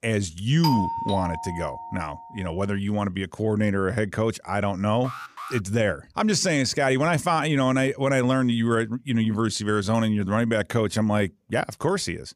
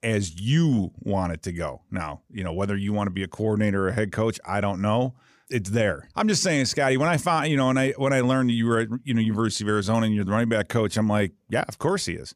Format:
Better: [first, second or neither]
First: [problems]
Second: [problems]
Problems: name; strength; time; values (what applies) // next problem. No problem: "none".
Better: second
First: doorbell; noticeable; from 0.5 to 2 s; peak 2 dB below the speech // alarm; faint; at 5 s; peak 10 dB below the speech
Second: none